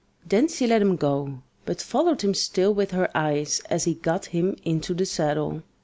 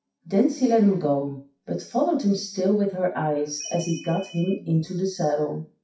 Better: first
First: none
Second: noise reduction (classical method WPE with log-MMSE)

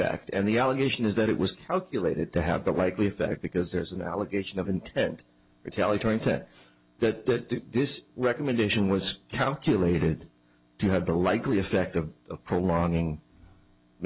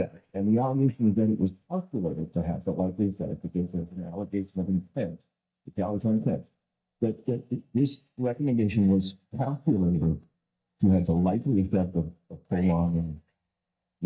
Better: first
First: none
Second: noise reduction (neural mask model DeepFilterNet 3)

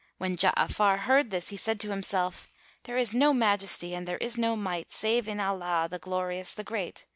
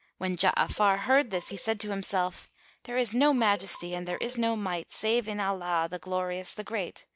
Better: first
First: none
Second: noise reduction (neural mask model DeepFilterNet 3)

